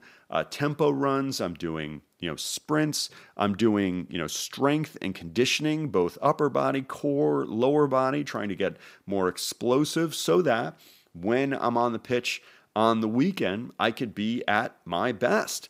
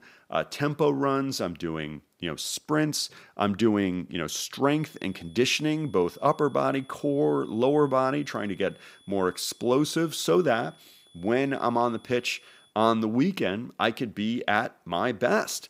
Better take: first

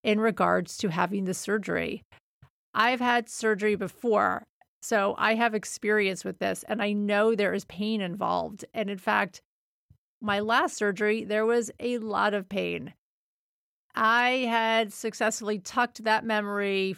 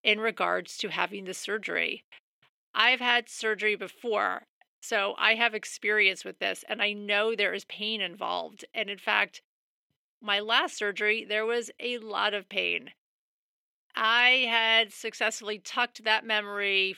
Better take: first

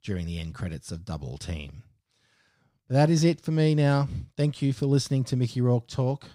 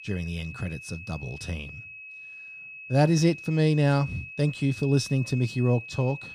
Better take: first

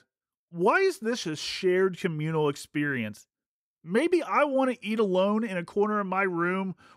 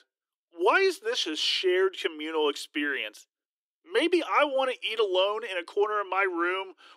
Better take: first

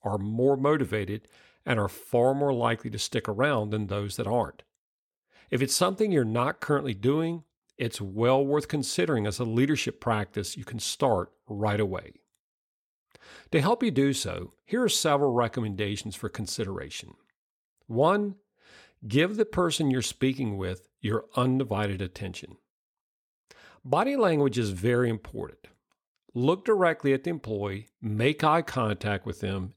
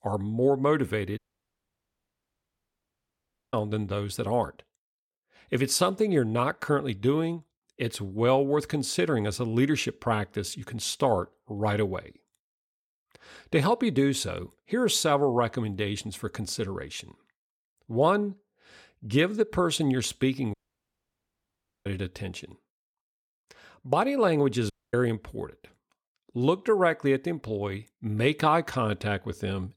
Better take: first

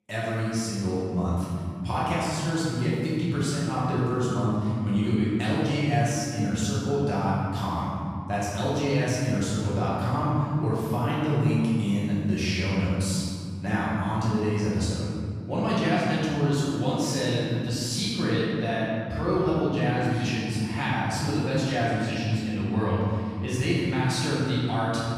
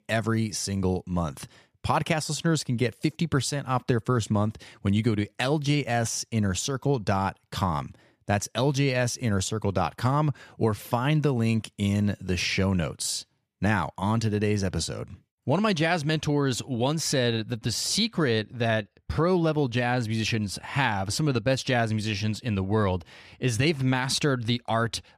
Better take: second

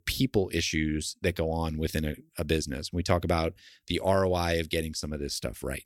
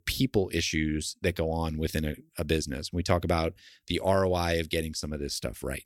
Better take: neither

